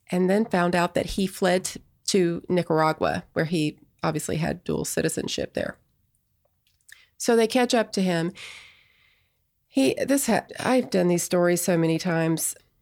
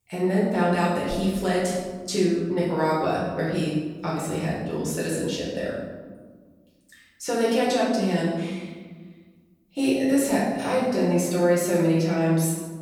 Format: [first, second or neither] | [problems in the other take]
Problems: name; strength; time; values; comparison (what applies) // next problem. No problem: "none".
first | room echo; noticeable; dies away in 1.2 s // off-mic speech; far